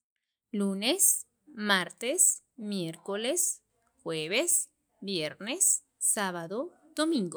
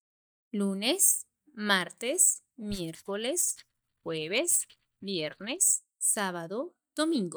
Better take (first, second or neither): first